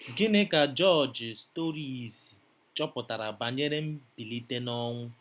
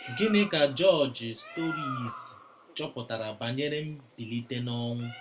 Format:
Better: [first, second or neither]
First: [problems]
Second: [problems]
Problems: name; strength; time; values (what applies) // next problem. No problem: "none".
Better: first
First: none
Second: background sound (Bird); 14 dB below the speech // room echo; dies away in 0.2 s